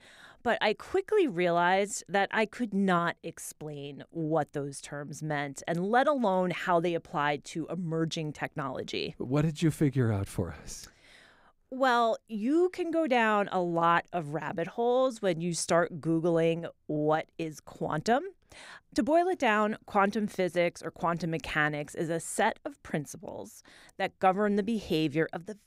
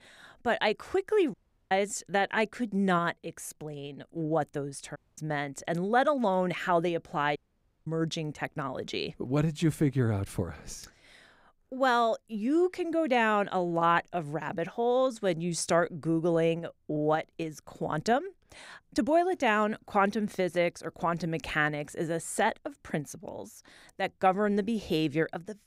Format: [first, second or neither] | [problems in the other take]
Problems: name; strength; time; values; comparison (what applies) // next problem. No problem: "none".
first | audio cutting out; at 1.5 s, at 5 s and at 7.5 s for 0.5 s